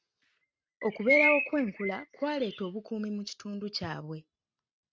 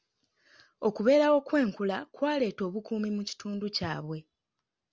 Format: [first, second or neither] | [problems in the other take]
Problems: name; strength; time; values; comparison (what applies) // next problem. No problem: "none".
second | noise reduction (neural mask model RNNoise)